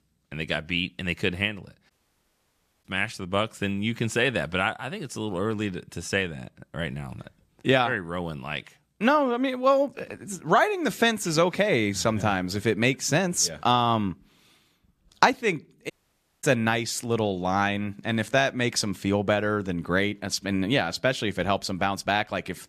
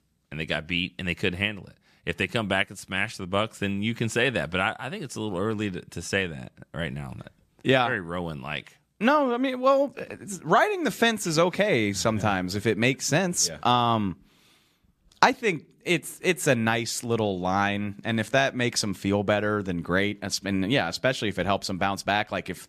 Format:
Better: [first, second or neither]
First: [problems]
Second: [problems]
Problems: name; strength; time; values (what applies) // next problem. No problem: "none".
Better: second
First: audio cutting out; at 2 s for 1 s and at 16 s for 0.5 s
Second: none